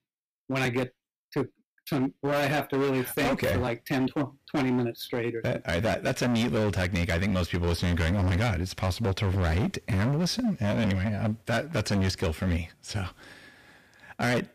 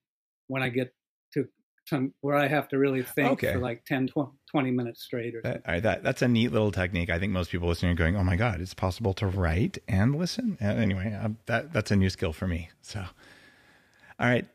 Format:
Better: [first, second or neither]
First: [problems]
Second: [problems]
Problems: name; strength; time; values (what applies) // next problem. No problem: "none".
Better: second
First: distortion; heavy; 20% of the sound clipped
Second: none